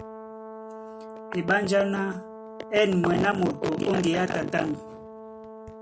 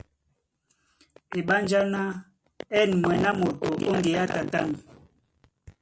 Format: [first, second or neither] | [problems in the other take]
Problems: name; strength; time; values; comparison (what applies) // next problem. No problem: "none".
second | background sound (Brass instrument); 14 dB below the speech